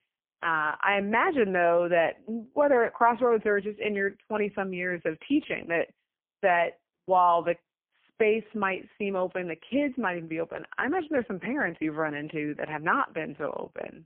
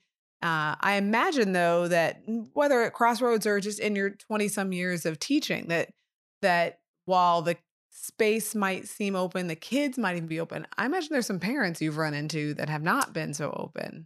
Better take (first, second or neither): second